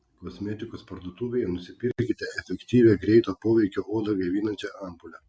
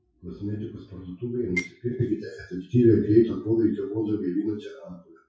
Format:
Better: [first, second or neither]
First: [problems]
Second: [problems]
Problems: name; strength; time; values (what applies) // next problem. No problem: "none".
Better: first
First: none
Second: noise reduction (classical method WPE with log-MMSE)